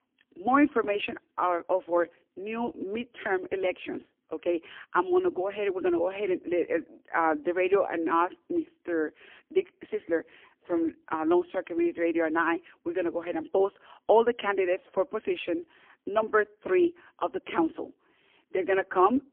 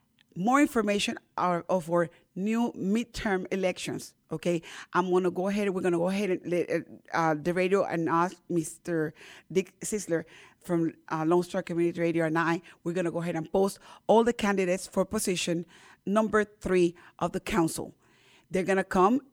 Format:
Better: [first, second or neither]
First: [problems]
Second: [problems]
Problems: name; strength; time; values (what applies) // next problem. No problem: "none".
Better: second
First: phone-call audio; poor line; nothing above 3.5 kHz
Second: none